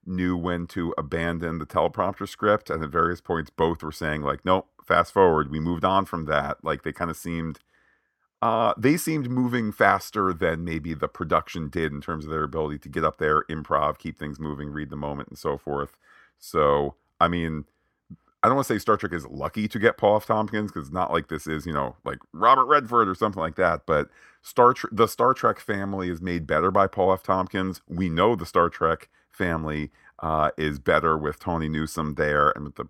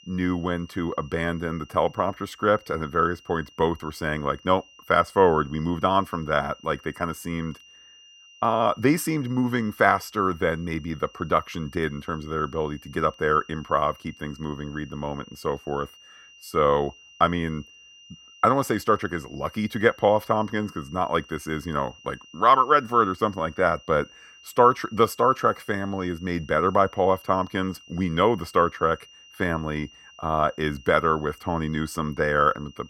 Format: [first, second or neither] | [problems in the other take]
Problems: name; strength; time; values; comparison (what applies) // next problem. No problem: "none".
first | high-pitched whine; faint; throughout; 3 kHz, 25 dB below the speech